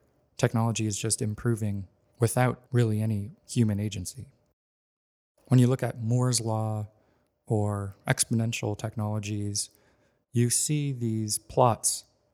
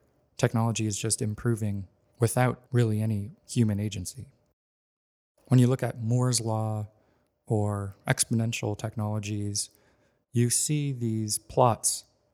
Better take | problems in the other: neither | none

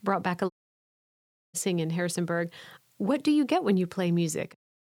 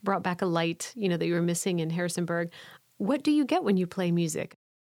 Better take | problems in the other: second | audio cutting out; at 0.5 s for 1 s

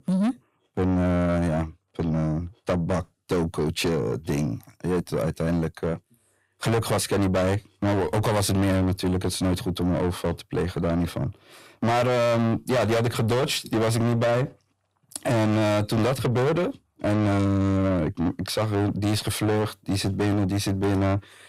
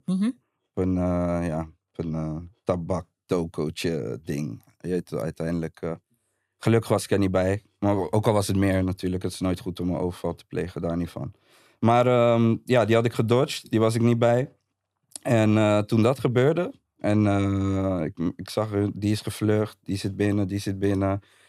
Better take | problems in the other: second | distortion; heavy; 6 dB below the speech

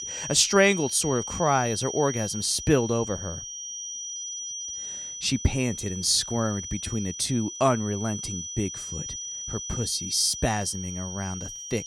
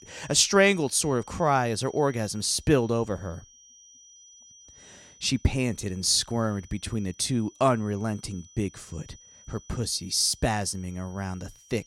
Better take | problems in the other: second | high-pitched whine; loud; throughout; 6 kHz, 8 dB below the speech; faint in the second

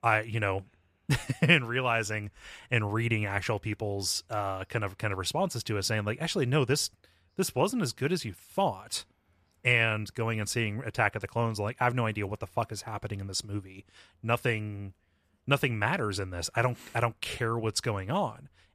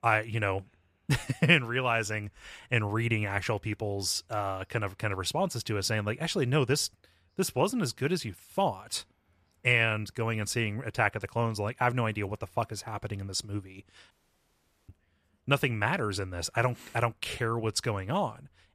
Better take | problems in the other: first | audio cutting out; at 14 s for 1 s

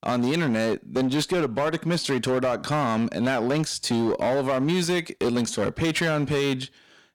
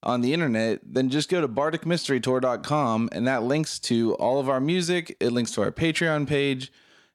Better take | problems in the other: second | distortion; slight; 19% of the sound clipped

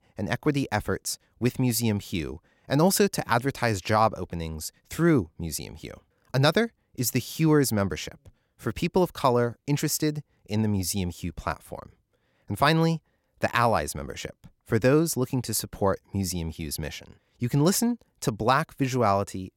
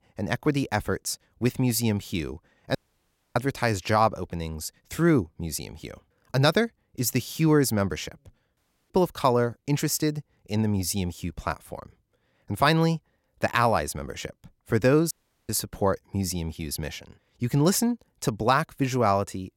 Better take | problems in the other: first | audio cutting out; at 3 s for 0.5 s, at 8.5 s and at 15 s

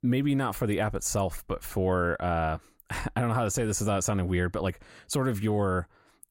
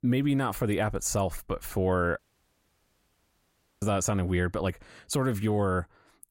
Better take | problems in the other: first | audio cutting out; at 2 s for 1.5 s

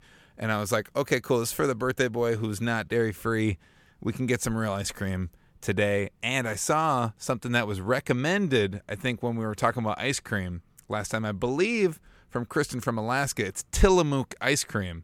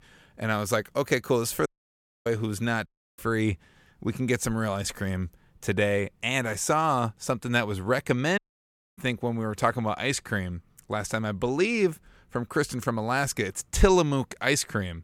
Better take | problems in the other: first | audio cutting out; at 1.5 s for 0.5 s, at 3 s and at 8.5 s for 0.5 s

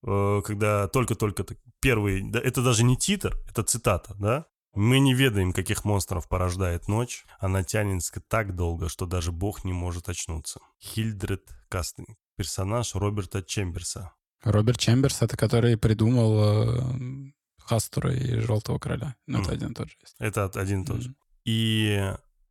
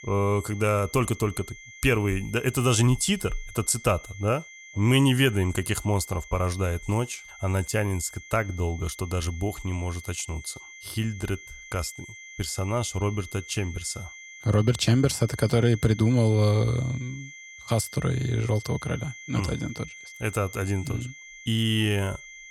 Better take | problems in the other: first | high-pitched whine; noticeable; throughout; 2 kHz, 15 dB below the speech

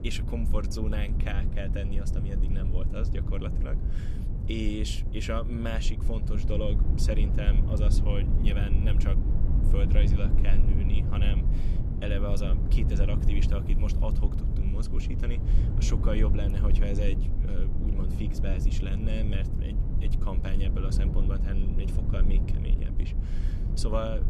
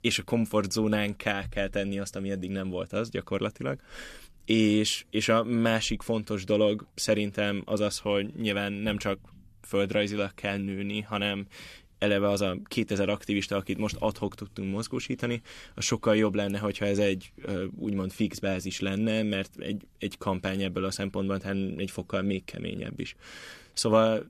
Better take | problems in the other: second | low rumble; loud; throughout; 4 dB below the speech

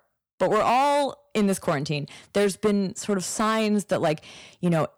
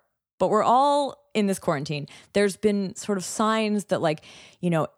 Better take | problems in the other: second | distortion; slight; 7% of the sound clipped

